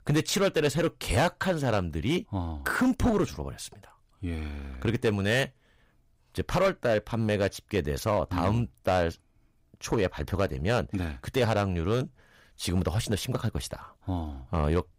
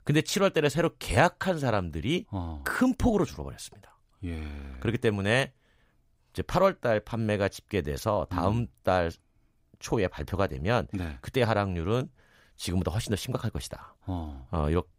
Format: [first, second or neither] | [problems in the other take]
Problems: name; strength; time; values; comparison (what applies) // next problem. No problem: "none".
second | distortion; slight; 5% of the sound clipped